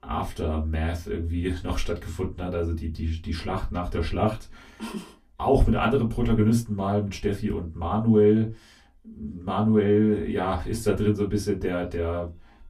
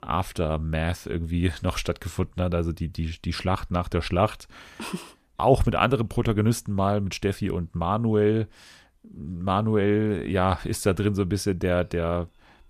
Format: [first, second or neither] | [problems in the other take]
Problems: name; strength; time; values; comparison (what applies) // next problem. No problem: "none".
second | off-mic speech; far // room echo; very slight; dies away in 0.2 s